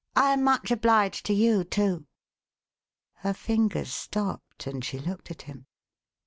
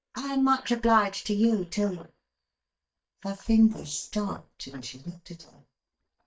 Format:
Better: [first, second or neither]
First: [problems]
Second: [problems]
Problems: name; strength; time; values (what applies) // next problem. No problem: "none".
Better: first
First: none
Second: noise reduction (neural mask model DeepFilterNet 3)